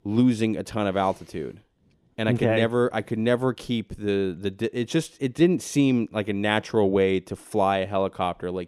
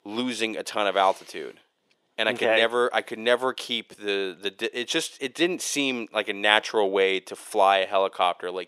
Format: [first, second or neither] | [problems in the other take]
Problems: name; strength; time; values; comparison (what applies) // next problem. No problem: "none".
first | thin; somewhat; fading below 600 Hz